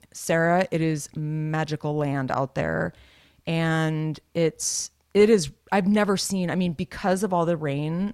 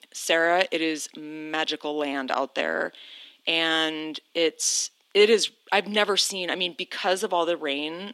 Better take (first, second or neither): first